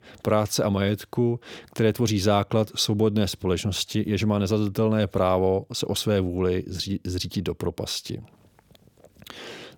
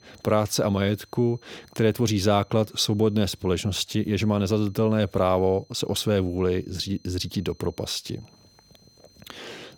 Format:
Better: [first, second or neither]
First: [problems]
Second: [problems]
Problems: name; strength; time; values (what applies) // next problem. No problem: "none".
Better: first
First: none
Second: high-pitched whine; faint; throughout; 4 kHz, 35 dB below the speech